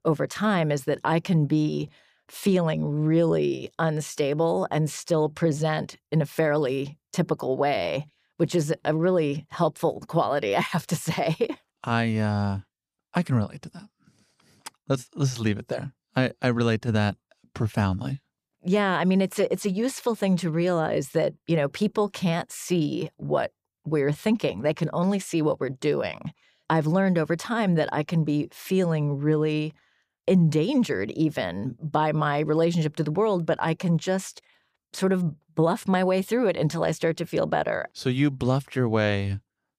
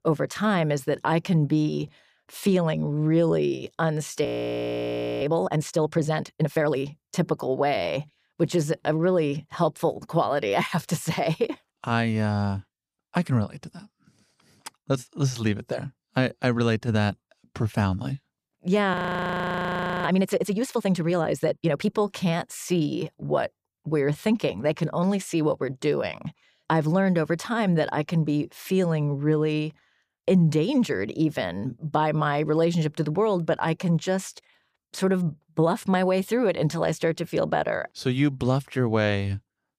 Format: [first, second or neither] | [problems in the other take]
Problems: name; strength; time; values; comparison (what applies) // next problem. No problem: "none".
first | audio freezing; at 4.5 s for 1 s and at 19 s for 1 s